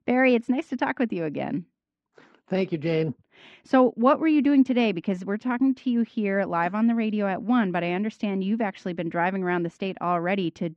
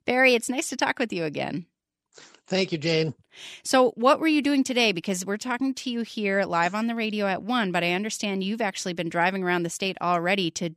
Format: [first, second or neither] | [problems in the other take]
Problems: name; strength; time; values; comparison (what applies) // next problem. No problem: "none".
second | muffled; very; fading above 2 kHz